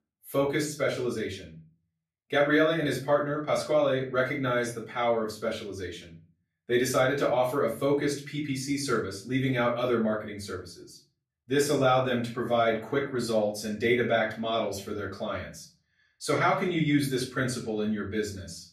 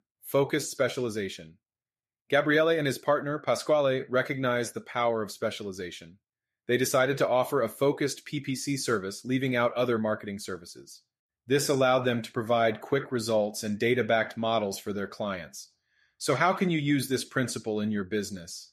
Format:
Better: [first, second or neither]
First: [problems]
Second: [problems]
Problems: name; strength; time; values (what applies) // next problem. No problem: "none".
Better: second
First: off-mic speech; far // room echo; slight; dies away in 0.3 s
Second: none